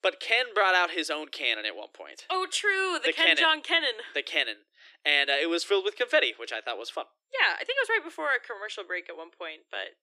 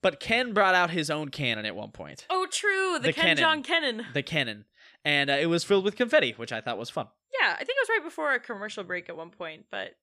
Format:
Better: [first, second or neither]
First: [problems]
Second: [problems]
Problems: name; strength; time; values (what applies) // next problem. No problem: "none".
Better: second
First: thin; very; fading below 300 Hz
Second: none